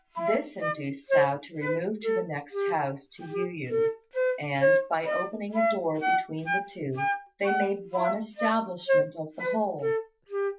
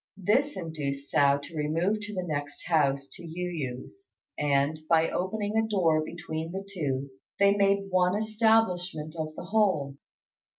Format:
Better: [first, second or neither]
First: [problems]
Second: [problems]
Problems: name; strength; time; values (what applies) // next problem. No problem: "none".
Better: second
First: background sound (Wind instrument, woodwind instrument); 3 dB above the speech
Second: none